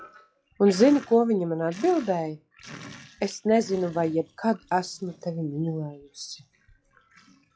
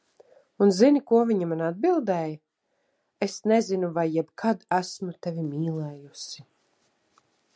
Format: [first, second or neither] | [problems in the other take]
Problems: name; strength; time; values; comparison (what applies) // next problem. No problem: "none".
second | noise reduction (classical method log-MMSE)